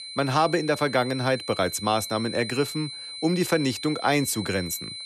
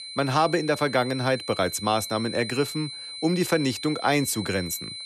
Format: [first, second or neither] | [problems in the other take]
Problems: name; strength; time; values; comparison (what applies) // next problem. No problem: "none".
neither | high-pitched whine; loud; throughout; 4 kHz, 9 dB below the speech; the same in both